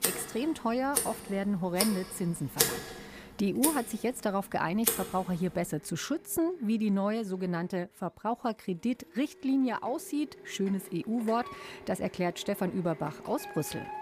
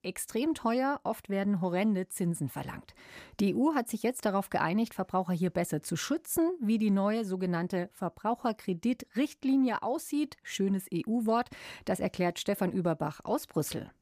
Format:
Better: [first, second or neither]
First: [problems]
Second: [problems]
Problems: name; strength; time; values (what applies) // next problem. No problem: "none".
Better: second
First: household noises; loud; throughout; 2 dB below the speech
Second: none